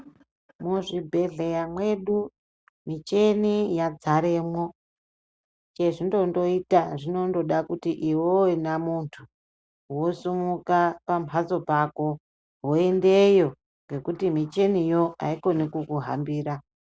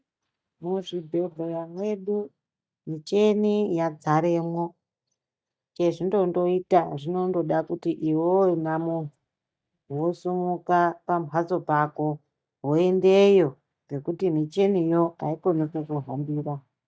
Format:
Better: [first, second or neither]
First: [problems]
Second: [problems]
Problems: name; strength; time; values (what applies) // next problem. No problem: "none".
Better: first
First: none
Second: noise reduction (neural mask model DeepFilterNet 3)